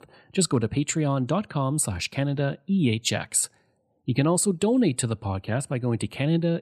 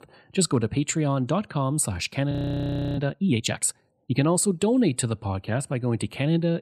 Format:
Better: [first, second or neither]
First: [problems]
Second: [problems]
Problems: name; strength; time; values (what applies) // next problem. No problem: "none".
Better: first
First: none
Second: audio freezing; at 2.5 s for 0.5 s